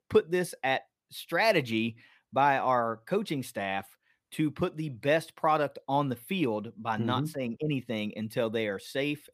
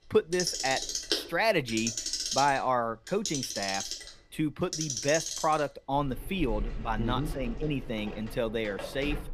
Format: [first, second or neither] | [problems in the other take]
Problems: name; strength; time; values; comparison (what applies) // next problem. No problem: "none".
first | household noises; loud; throughout; 4 dB below the speech